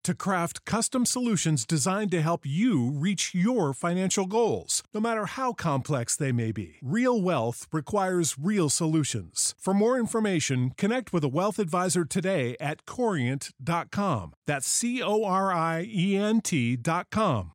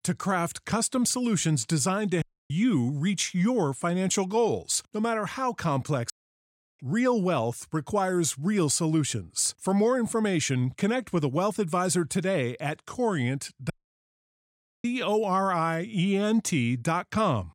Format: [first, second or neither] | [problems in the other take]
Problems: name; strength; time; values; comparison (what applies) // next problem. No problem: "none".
first | audio cutting out; at 2 s, at 6 s for 0.5 s and at 14 s for 1 s